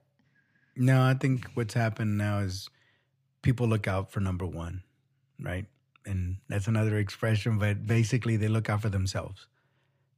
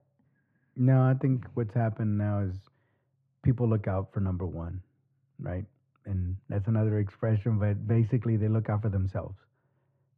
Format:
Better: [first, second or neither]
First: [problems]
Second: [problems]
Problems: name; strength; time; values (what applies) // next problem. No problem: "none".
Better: first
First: none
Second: muffled; very; fading above 2.5 kHz